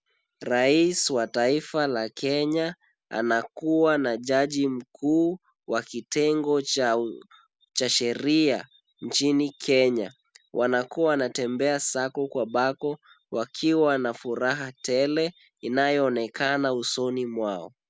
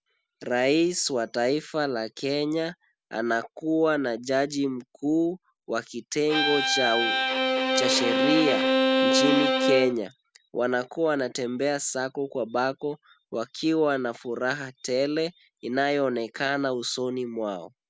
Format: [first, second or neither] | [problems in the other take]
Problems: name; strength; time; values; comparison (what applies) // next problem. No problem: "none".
first | background sound (Bowed string instrument); 3 dB above the speech